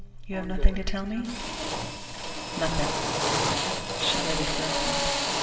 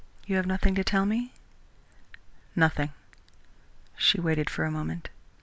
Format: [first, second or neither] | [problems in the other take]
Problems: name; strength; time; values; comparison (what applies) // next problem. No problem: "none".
second | background sound (Drill); 1 dB below the speech // room echo; dies away in 2.4 s